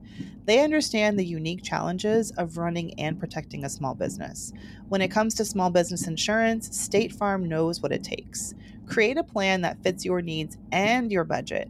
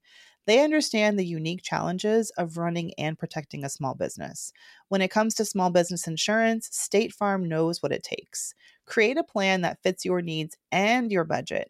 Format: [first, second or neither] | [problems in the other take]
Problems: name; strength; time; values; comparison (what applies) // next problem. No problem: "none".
second | low rumble; faint; throughout; 25 dB below the speech